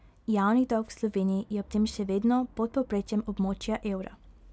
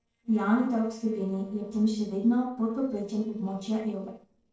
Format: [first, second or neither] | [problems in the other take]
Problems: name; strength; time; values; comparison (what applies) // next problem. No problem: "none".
first | noise reduction (neural separator model SepFormer DNS4)